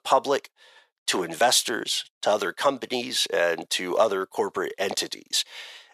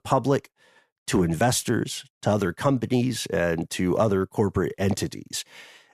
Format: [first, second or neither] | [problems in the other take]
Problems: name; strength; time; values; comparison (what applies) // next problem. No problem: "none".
second | thin; very; fading below 600 Hz